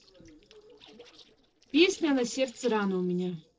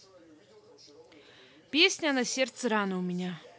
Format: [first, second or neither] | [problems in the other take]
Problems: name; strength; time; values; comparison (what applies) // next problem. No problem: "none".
second | noise reduction (neural separator model SepFormer DNS4)